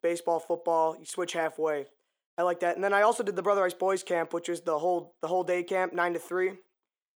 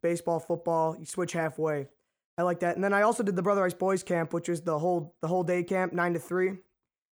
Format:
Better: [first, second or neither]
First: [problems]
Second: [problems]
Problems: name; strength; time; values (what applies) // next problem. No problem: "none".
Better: second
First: thin; somewhat; fading below 400 Hz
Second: none